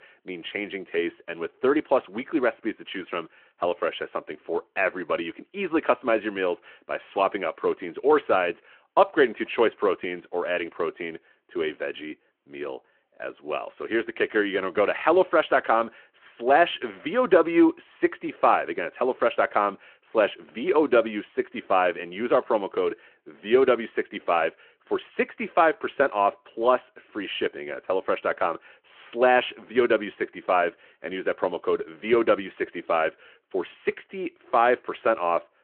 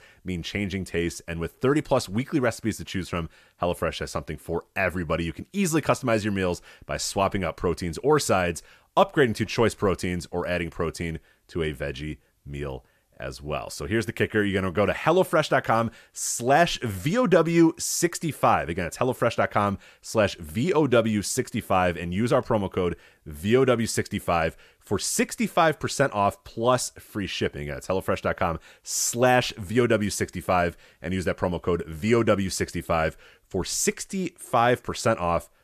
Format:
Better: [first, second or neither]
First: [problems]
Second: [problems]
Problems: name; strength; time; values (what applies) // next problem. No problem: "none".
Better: second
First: phone-call audio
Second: none